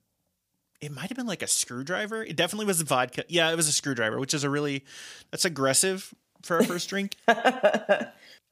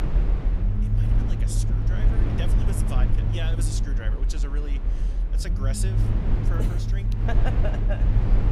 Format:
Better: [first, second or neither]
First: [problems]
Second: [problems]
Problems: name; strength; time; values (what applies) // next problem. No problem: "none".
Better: first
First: none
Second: low rumble; loud; throughout; 1 dB below the speech